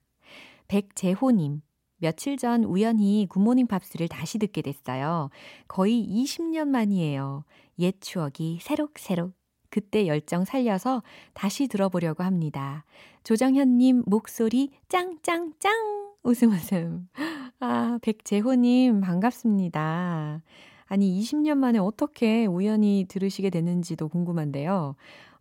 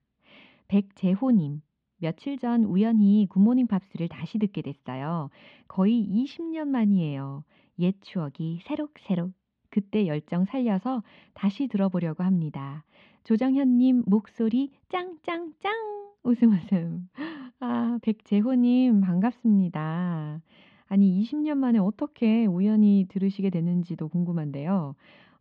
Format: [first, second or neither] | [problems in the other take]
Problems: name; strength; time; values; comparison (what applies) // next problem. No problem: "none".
first | muffled; slightly; fading above 3.5 kHz